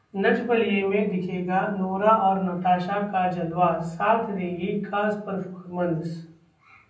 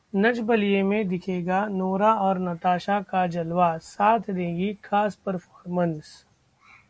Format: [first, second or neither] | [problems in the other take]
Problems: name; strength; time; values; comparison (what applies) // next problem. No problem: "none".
second | room echo; dies away in 0.6 s